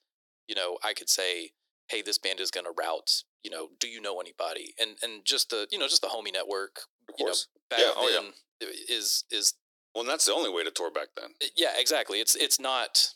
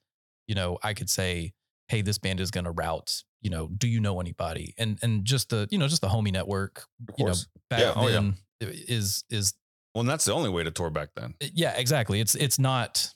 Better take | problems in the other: second | thin; very; fading below 300 Hz

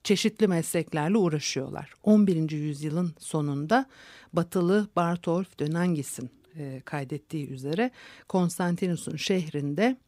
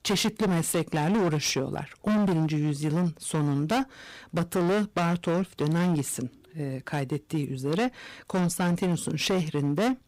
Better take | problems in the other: first | distortion; heavy; 20% of the sound clipped

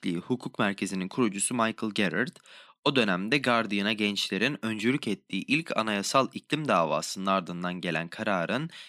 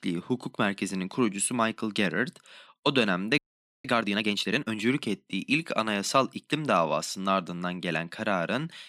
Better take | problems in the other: first | audio freezing; at 3.5 s

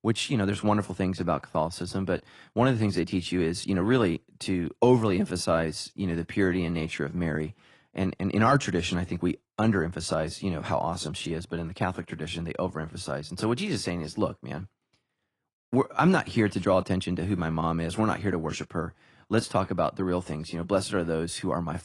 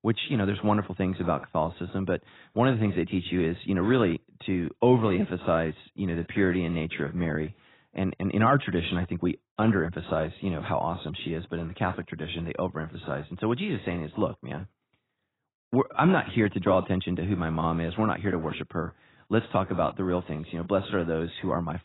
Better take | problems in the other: first | garbled, watery; badly; nothing above 4 kHz; slightly in the first

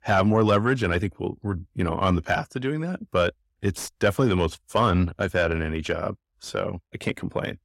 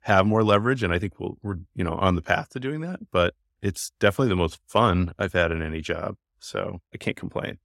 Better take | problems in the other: second | distortion; slight; 10 dB below the speech

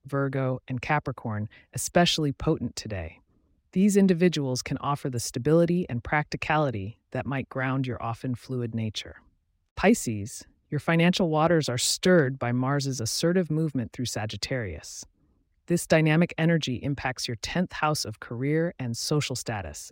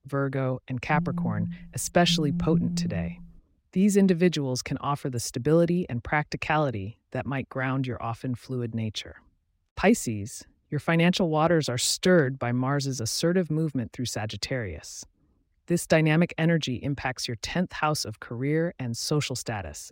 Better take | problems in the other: first | phone ringing; noticeable; from 1 to 3 s; peak 1 dB below the speech

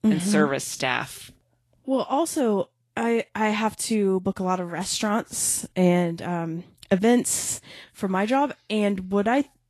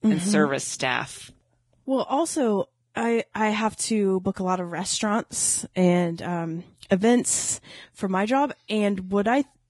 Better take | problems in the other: first | garbled, watery; badly; nothing above 10.5 kHz; slightly in the first

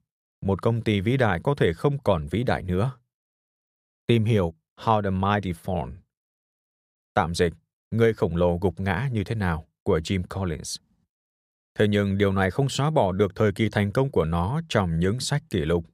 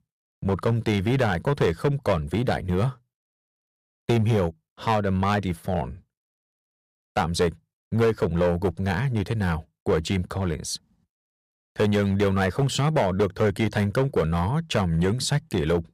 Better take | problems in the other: first | distortion; slight; 5% of the sound clipped

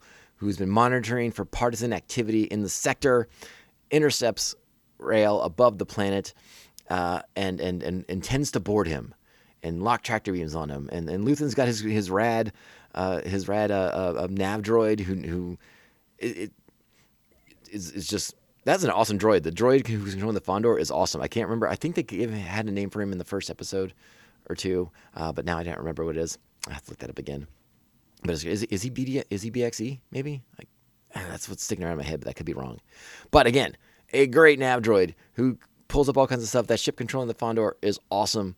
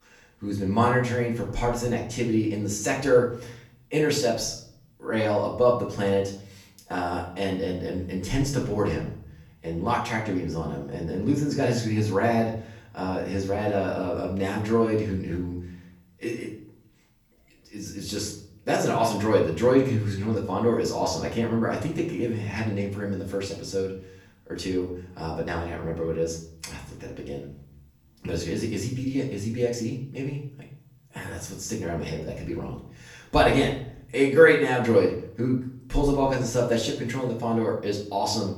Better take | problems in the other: first | off-mic speech; far // room echo; slight; dies away in 0.6 s

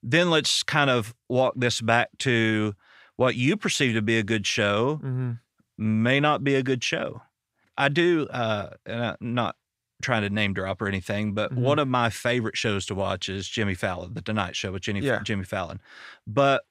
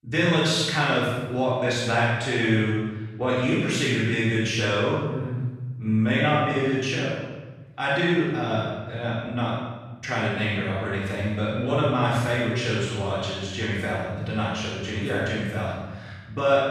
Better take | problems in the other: first | off-mic speech; far // room echo; strong; dies away in 1.2 s

